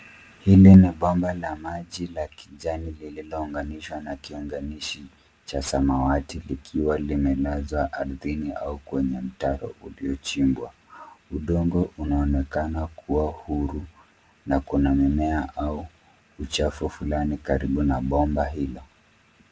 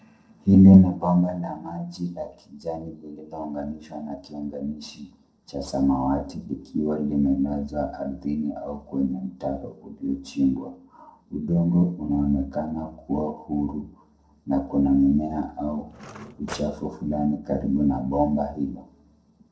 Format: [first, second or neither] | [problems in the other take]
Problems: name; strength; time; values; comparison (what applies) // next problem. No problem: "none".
first | noise reduction (neural separator model SepFormer DNS4)